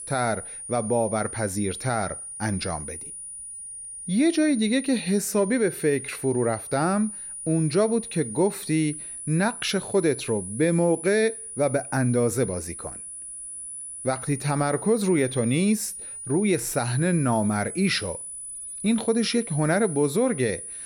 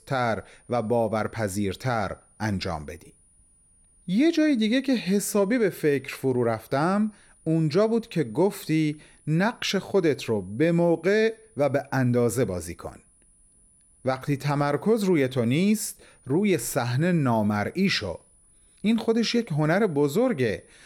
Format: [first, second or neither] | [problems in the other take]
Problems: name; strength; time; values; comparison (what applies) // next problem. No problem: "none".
second | high-pitched whine; loud; throughout; 9.5 kHz, 9 dB below the speech; faint in the second